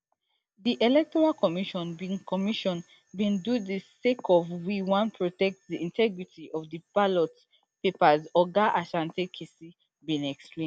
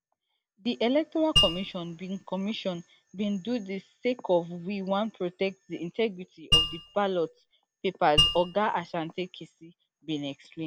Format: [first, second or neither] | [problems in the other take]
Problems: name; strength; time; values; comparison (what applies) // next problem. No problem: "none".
first | background sound (Mallet percussion); 2 dB above the speech